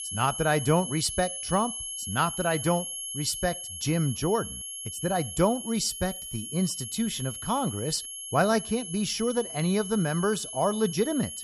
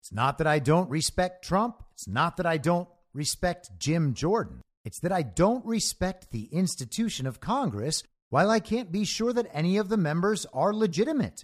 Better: second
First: high-pitched whine; loud; throughout; 11 kHz, 7 dB below the speech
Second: none

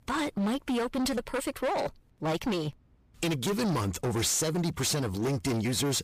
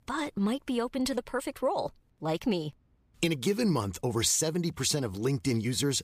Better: second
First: distortion; heavy; 26% of the sound clipped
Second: none

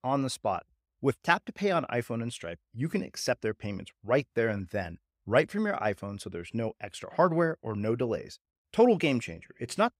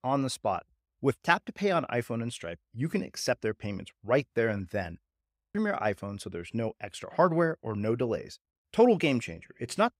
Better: first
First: none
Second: audio freezing; at 5 s

